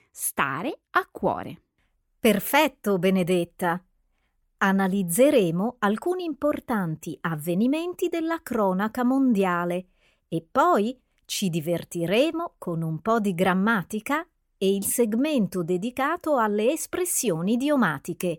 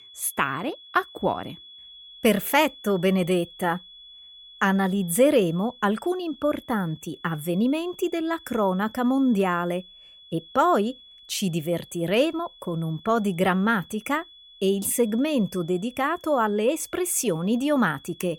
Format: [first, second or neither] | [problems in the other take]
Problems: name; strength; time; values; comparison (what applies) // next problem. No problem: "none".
first | high-pitched whine; faint; throughout; 3.5 kHz, 20 dB below the speech